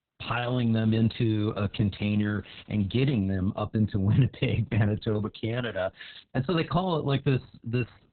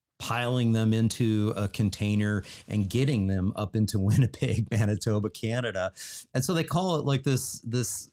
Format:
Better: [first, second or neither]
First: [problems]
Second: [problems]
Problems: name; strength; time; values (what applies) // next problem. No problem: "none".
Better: second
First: garbled, watery; badly; nothing above 4 kHz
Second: garbled, watery; slightly; nothing above 17.5 kHz